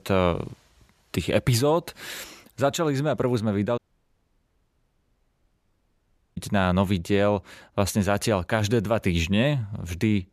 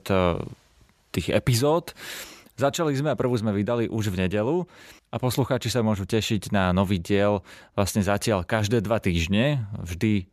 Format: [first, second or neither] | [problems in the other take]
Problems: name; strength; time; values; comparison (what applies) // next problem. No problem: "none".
second | audio cutting out; at 4 s for 2.5 s